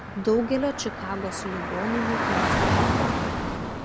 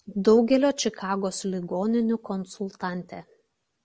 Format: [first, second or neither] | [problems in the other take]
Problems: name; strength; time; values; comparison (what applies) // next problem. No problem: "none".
second | background sound (Traffic noise, roadway noise / Car); 3 dB above the speech